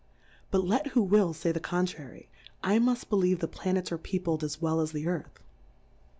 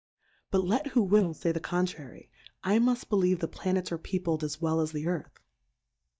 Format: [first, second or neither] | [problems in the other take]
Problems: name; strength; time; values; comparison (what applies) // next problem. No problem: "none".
first | noise reduction (neural mask model DeepFilterNet 3)